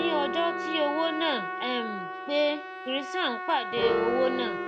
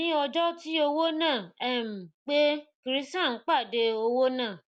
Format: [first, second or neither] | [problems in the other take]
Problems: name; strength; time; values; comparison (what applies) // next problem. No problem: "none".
second | background sound (Piano + Trumpet); 2 dB below the speech